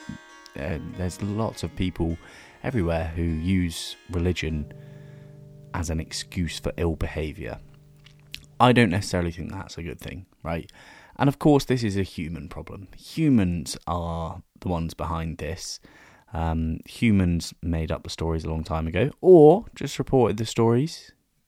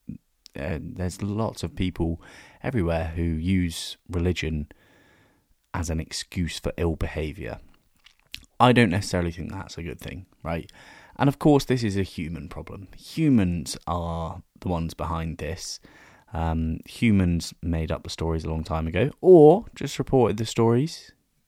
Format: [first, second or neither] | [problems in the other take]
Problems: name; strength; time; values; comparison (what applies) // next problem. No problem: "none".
second | background music; faint; until 9.5 s; 25 dB below the speech